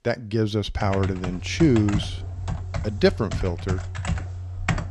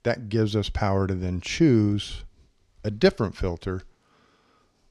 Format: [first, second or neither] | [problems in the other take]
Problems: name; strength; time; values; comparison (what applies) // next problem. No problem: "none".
second | keyboard typing; noticeable; from 1 s on; peak 3 dB below the speech